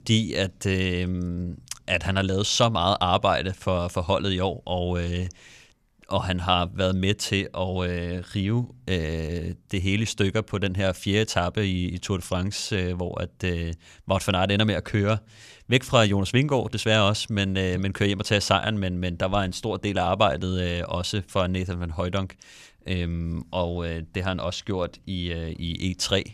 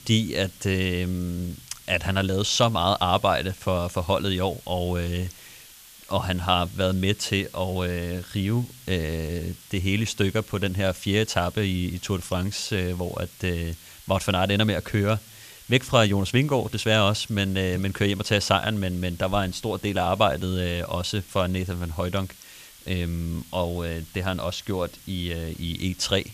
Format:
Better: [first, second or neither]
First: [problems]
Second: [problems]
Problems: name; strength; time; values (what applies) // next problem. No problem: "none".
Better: first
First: none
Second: hiss; faint; throughout; 20 dB below the speech